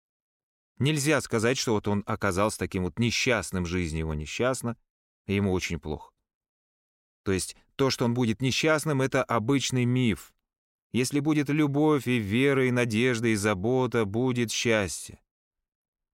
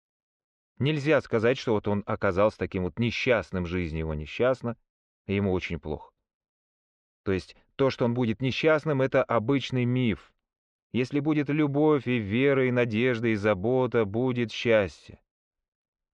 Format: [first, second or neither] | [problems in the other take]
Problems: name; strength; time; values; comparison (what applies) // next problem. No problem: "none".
first | muffled; very; fading above 3.5 kHz